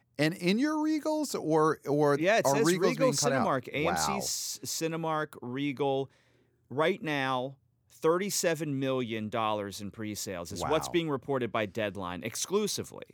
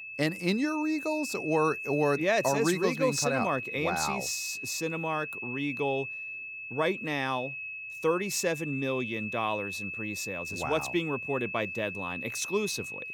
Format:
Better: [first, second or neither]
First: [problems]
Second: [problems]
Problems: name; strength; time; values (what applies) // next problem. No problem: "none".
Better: first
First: none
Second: high-pitched whine; loud; throughout; 2.5 kHz, 6 dB below the speech